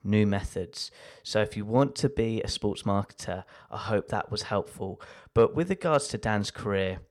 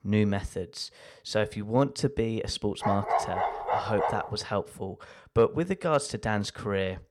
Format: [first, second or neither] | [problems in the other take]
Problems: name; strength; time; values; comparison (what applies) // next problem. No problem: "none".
first | dog barking; loud; from 3 to 4.5 s; peak 2 dB above the speech